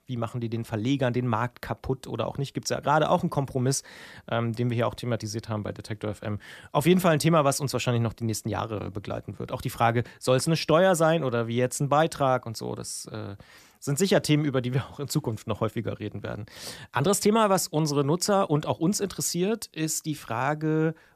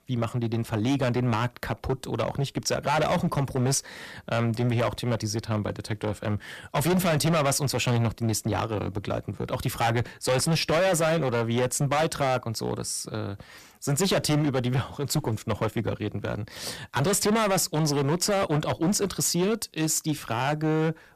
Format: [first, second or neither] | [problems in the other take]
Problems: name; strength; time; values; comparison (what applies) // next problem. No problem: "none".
first | distortion; heavy; 13% of the sound clipped